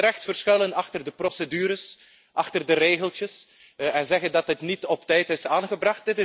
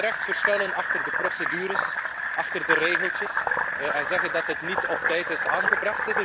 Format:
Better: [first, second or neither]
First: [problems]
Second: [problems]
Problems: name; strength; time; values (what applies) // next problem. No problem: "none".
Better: first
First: none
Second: background sound (Fill (with liquid)); 4 dB above the speech